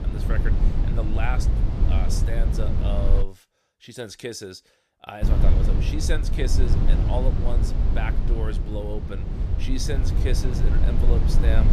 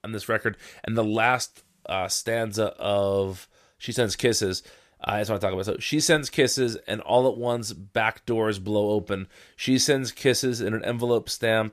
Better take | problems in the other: second | low rumble; loud; until 3 s and from 5 s on; 3 dB below the speech

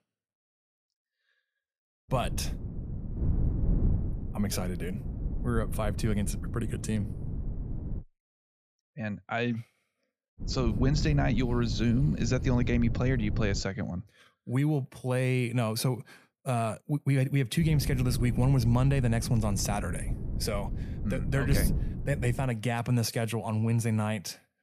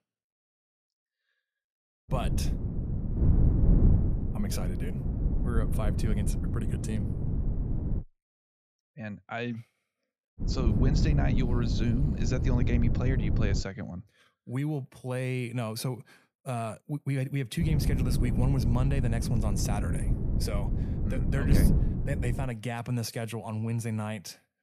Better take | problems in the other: first | wind noise on the microphone; heavy; from 2 to 8 s, from 10 to 14 s and from 18 to 22 s; 3 dB below the speech; occasional gusts in the first

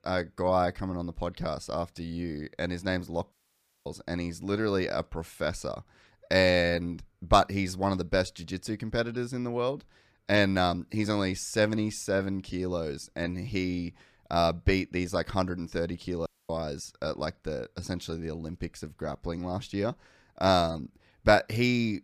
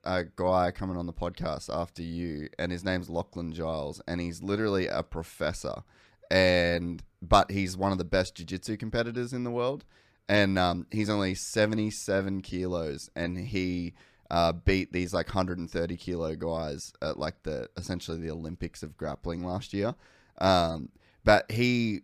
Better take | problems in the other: second | audio cutting out; at 3.5 s for 0.5 s and at 16 s

